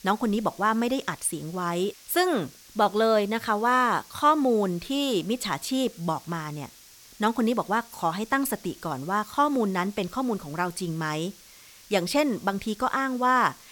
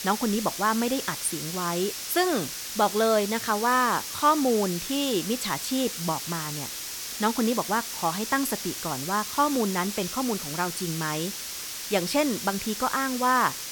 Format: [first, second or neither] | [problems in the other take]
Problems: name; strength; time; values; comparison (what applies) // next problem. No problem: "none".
first | hiss; loud; throughout; 6 dB below the speech; faint in the first